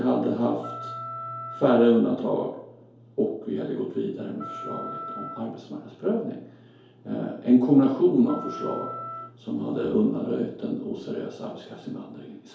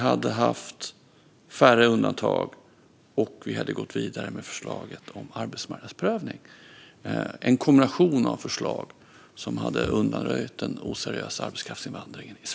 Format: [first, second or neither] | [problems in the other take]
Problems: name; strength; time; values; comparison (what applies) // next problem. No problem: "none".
second | background sound (Wind instrument, woodwind instrument); 13 dB below the speech // room echo; dies away in 2.4 s